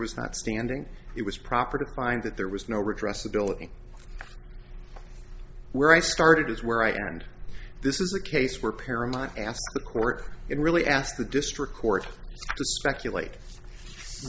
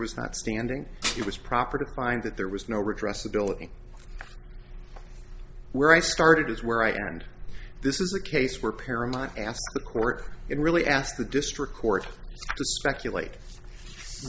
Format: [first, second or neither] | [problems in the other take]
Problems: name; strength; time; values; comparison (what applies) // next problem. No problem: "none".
first | background sound (Dishes, pots, and pans); 8 dB below the speech